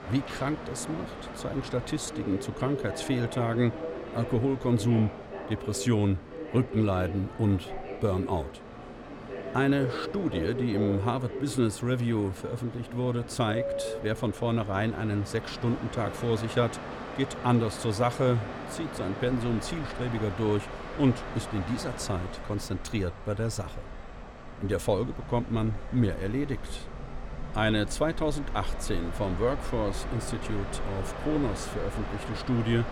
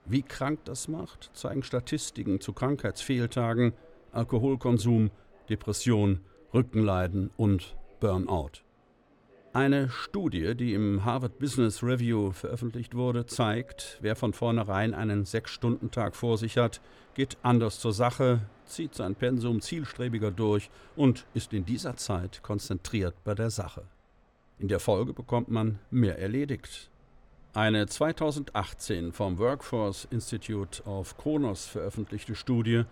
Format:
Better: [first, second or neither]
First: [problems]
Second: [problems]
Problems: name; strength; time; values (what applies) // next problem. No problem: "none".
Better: second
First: train or aircraft noise; loud; throughout; 9 dB below the speech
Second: train or aircraft noise; faint; throughout; 30 dB below the speech